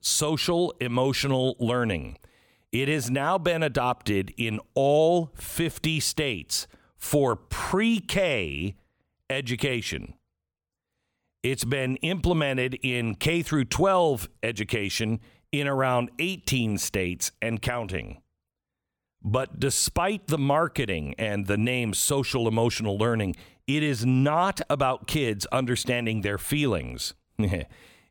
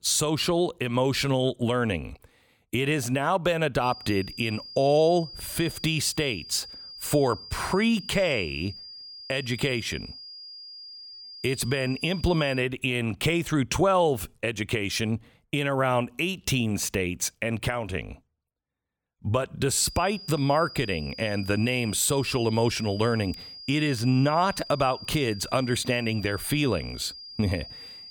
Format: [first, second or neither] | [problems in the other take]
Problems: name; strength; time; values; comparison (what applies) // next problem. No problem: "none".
first | high-pitched whine; noticeable; from 4 to 13 s and from 20 s on; 5 kHz, 15 dB below the speech